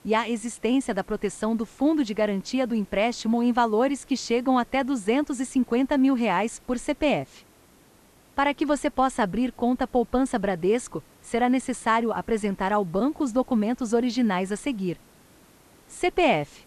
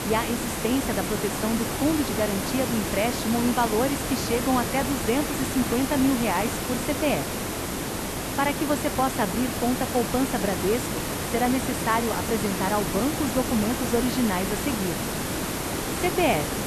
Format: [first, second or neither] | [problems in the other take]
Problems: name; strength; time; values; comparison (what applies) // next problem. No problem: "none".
first | hiss; loud; throughout; 2 dB below the speech; faint in the first